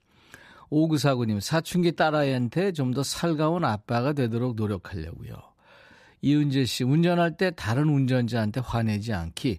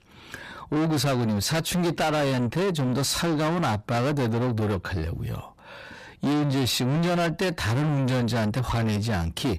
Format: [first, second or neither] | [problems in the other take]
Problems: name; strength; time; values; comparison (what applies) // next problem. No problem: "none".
first | distortion; heavy; 6 dB below the speech